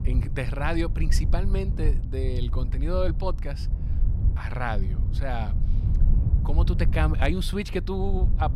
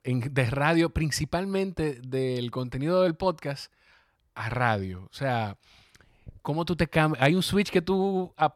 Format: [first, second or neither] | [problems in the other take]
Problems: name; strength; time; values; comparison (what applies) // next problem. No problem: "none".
second | wind noise on the microphone; occasional gusts; 10 dB below the speech